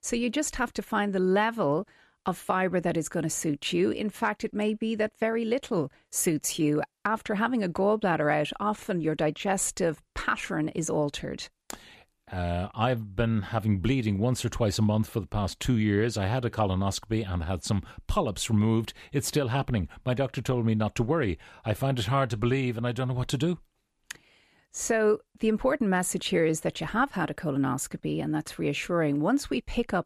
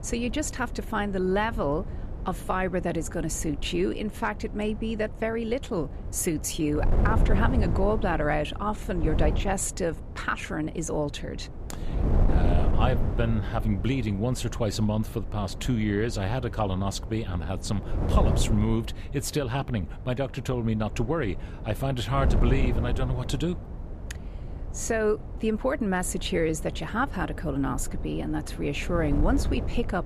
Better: first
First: none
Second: wind noise on the microphone; occasional gusts; 10 dB below the speech

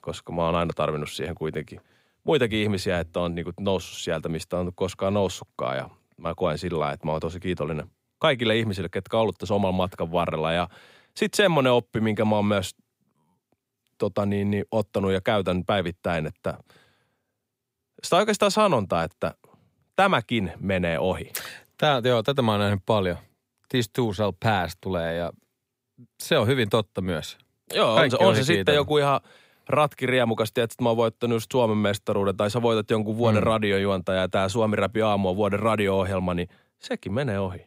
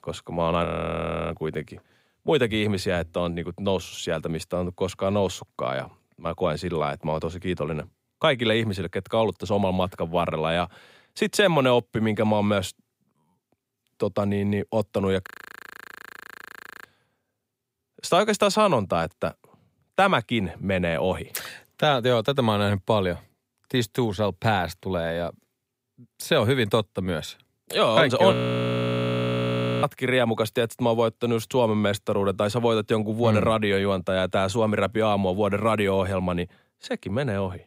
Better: first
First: none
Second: audio freezing; at 0.5 s for 0.5 s, at 15 s for 1.5 s and at 28 s for 1.5 s

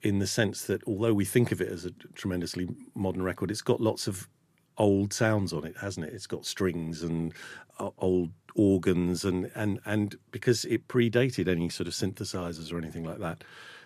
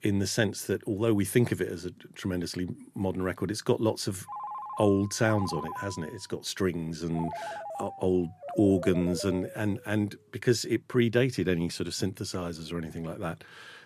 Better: first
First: none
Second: phone ringing; noticeable; from 4.5 to 10 s; peak 8 dB below the speech

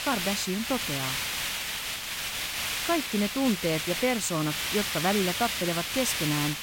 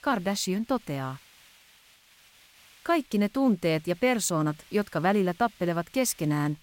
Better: second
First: hiss; loud; throughout; as loud as the speech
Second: hiss; faint; throughout; 25 dB below the speech

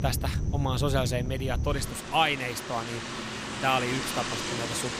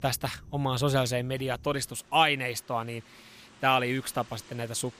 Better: second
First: rain or running water; loud; throughout; 3 dB below the speech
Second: rain or running water; faint; throughout; 25 dB below the speech

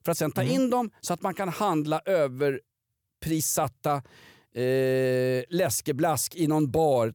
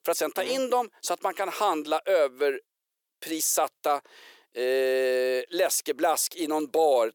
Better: first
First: none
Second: thin; very; fading below 350 Hz

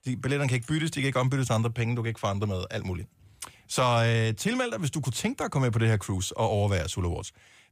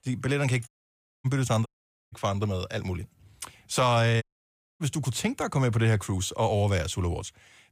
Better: first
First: none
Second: audio cutting out; at 0.5 s for 0.5 s, at 1.5 s and at 4 s for 0.5 s

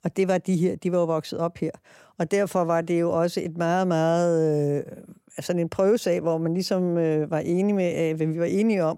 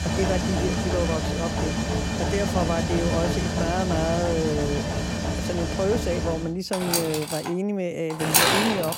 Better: first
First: none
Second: machinery noise; very loud; throughout; 2 dB above the speech

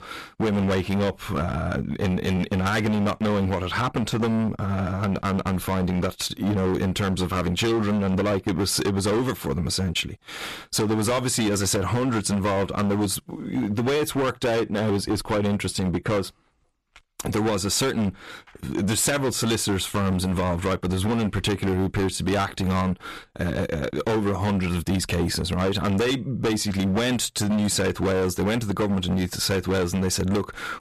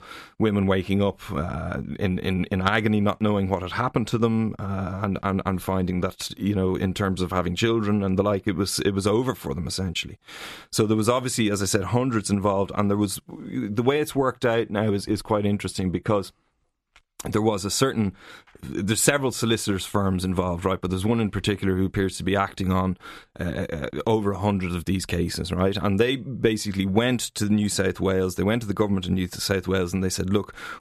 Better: second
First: distortion; heavy; 21% of the sound clipped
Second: none

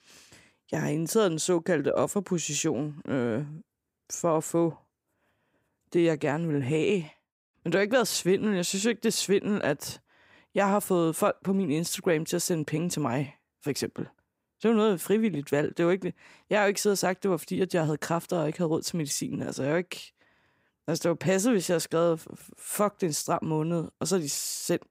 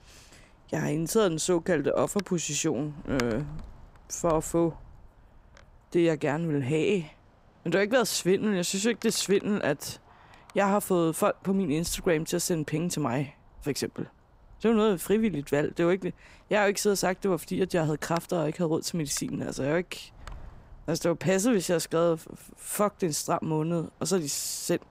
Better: first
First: none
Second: wind noise on the microphone; occasional gusts; 20 dB below the speech

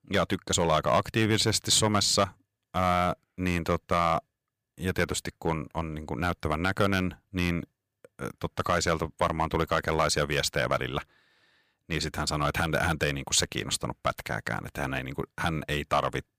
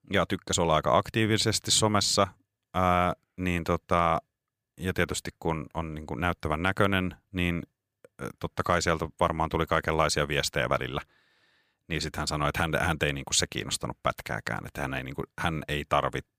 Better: second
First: distortion; slight; 1.5% of the sound clipped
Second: none

